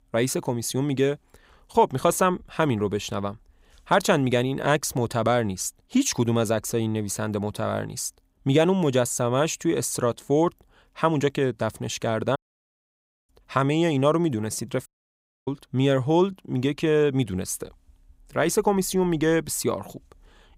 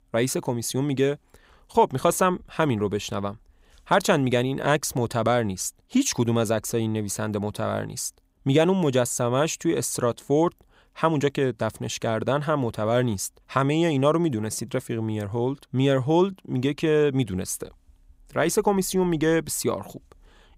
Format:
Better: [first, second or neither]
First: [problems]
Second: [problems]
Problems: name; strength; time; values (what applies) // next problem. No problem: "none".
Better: second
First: audio cutting out; at 12 s for 1 s and at 15 s for 0.5 s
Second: none